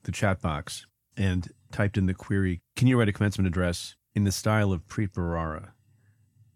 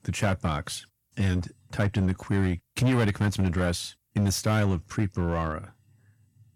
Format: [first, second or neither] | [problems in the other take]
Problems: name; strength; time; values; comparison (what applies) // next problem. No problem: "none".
first | distortion; slight; 8% of the sound clipped